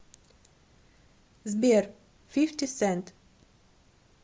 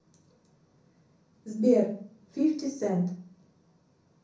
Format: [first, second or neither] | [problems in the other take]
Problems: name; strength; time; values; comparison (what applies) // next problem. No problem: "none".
first | room echo; dies away in 0.6 s